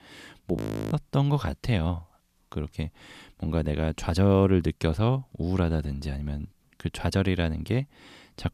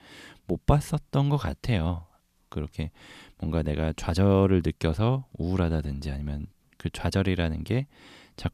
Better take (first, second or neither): second